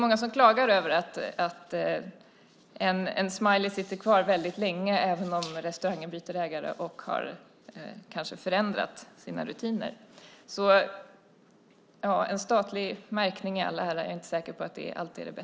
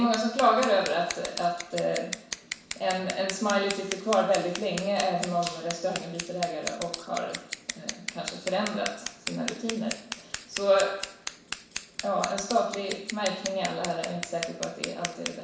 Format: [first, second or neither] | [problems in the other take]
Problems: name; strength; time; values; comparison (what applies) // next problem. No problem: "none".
first | background sound (Scissors); 9 dB below the speech // room echo; dies away in 0.7 s